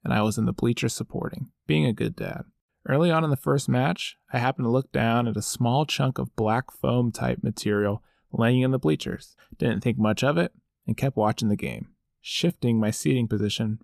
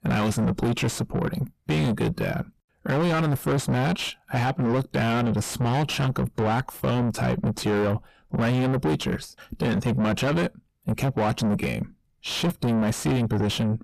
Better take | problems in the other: first | distortion; heavy; 6 dB below the speech

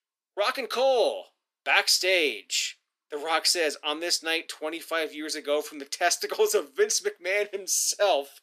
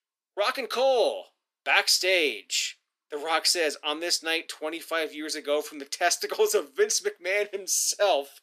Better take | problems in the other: neither | thin; very; fading below 350 Hz; the same in both

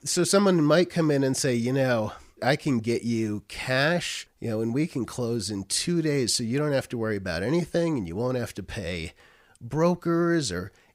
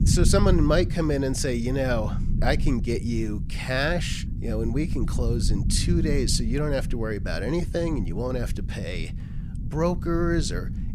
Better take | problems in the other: first | low rumble; noticeable; throughout; 15 dB below the speech

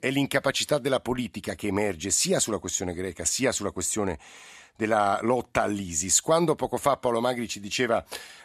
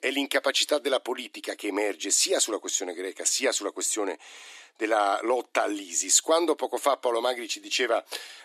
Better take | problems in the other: first | thin; somewhat; fading below 300 Hz

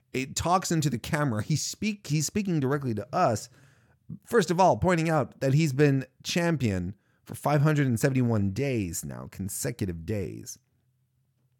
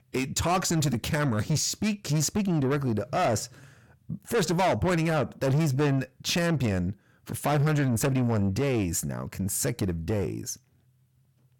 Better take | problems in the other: first | distortion; heavy; 7 dB below the speech

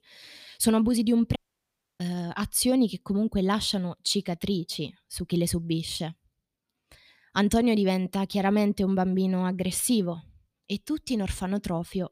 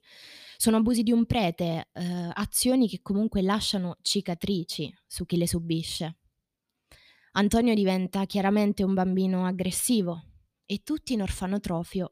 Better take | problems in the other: second | audio cutting out; at 1.5 s for 0.5 s

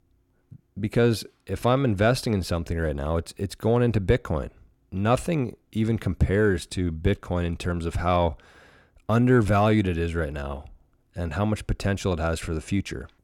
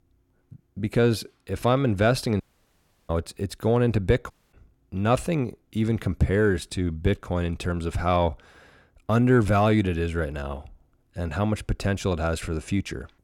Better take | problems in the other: first | audio cutting out; at 2.5 s for 0.5 s and at 4.5 s

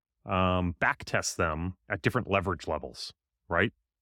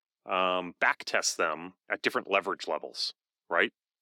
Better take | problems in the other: first | thin; somewhat; fading below 300 Hz

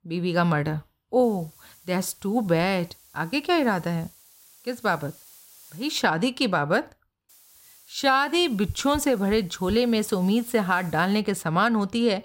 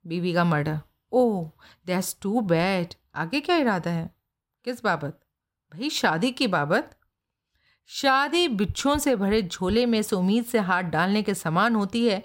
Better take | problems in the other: second | hiss; faint; from 1 to 6 s and from 7.5 to 11 s; 25 dB below the speech

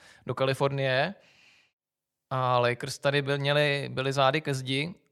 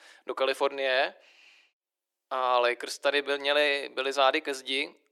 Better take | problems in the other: first | thin; somewhat; fading below 300 Hz

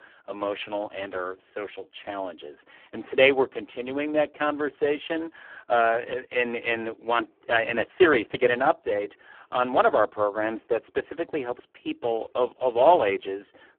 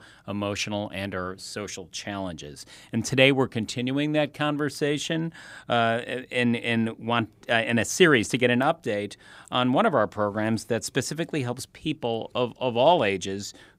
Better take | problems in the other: second | phone-call audio; poor line

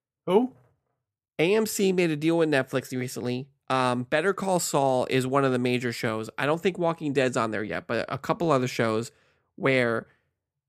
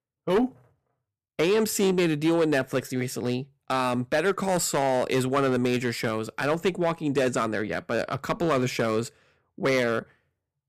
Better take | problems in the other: first | distortion; slight; 5% of the sound clipped

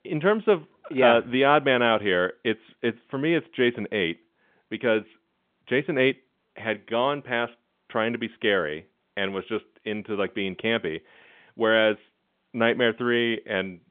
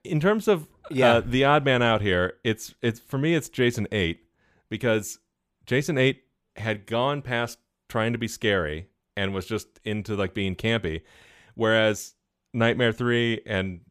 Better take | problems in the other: second | phone-call audio; nothing above 3.5 kHz

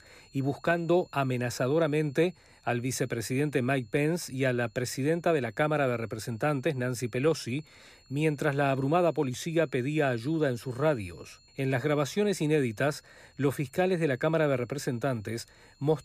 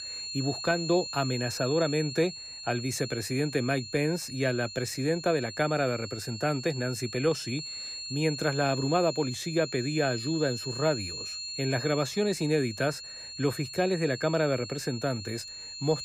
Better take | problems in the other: first | high-pitched whine; loud; throughout; 4 kHz, 8 dB below the speech; faint in the first

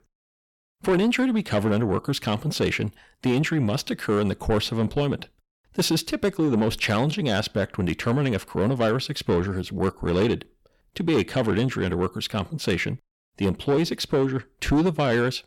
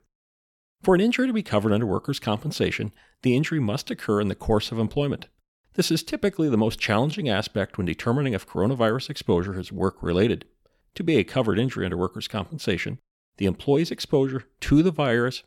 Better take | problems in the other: second | distortion; slight; 10 dB below the speech

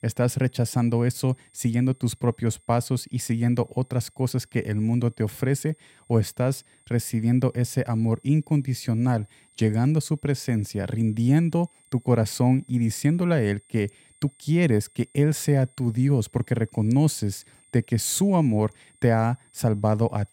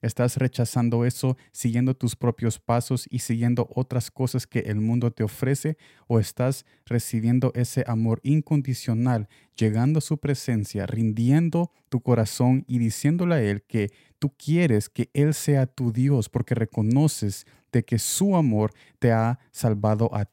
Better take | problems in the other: second | high-pitched whine; faint; throughout; 8.5 kHz, 30 dB below the speech

